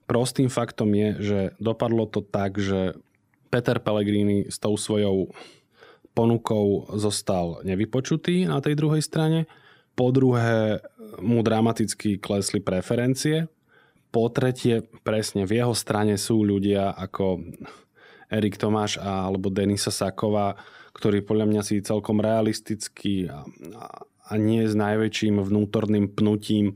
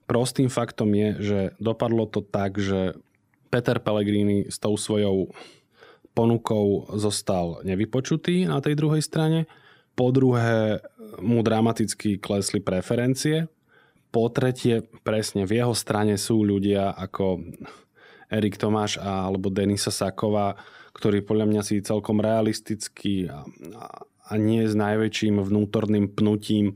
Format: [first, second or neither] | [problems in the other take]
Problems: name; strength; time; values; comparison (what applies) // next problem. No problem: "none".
neither | none